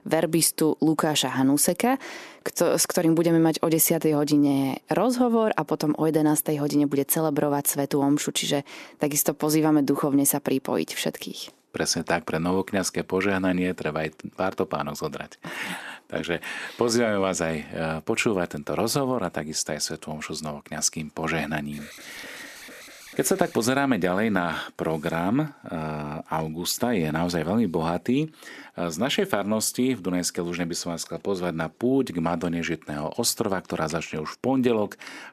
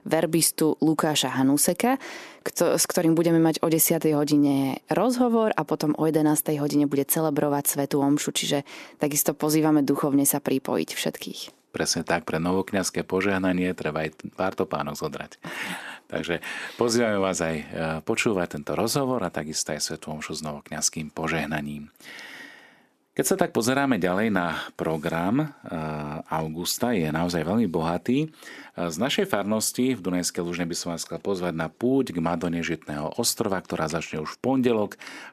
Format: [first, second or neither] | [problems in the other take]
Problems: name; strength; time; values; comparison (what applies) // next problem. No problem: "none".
second | alarm; faint; from 22 to 24 s; peak 15 dB below the speech